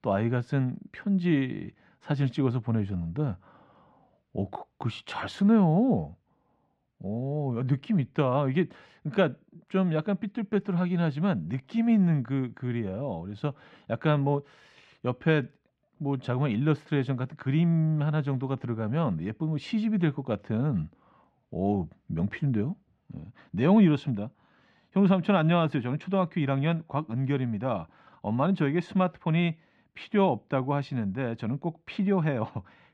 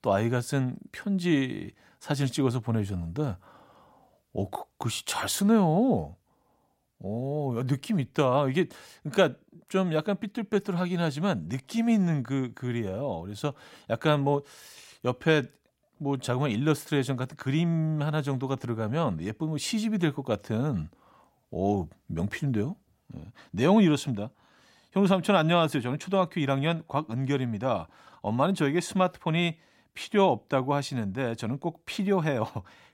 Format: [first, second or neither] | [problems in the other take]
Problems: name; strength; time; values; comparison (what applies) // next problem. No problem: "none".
second | muffled; slightly; fading above 2.5 kHz